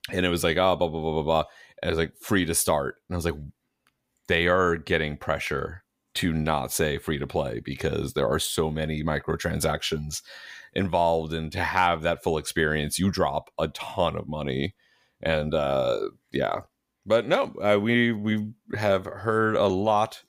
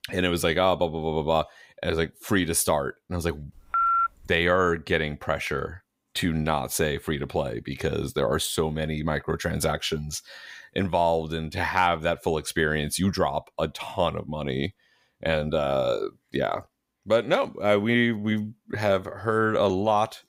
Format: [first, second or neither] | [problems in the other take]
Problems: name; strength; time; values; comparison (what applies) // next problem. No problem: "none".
first | phone ringing; loud; at 3.5 s; peak 4 dB above the speech